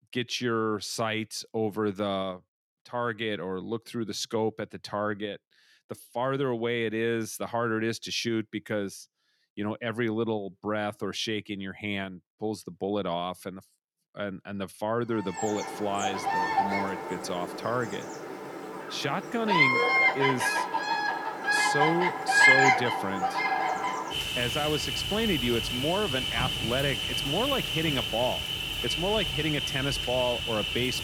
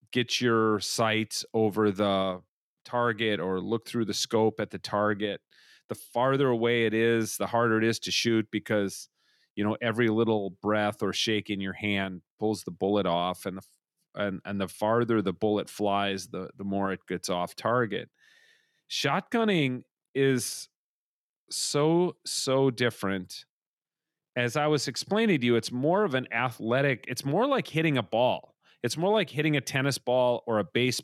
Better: second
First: animal sounds; very loud; from 16 s on; 5 dB above the speech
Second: none

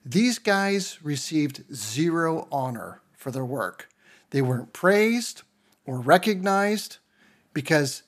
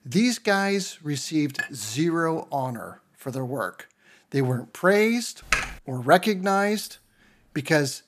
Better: first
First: none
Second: clattering dishes; noticeable; at 1.5 s; peak 7 dB below the speech // keyboard typing; noticeable; at 5.5 s; peak 1 dB below the speech // jangling keys; faint; at 7 s; peak 20 dB below the speech

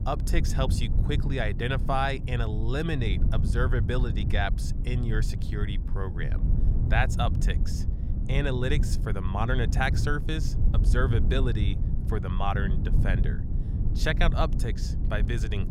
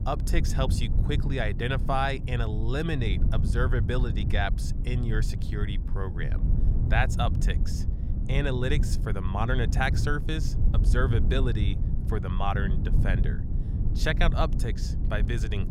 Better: neither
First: low rumble; noticeable; throughout; 10 dB below the speech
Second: low rumble; noticeable; throughout; 10 dB below the speech

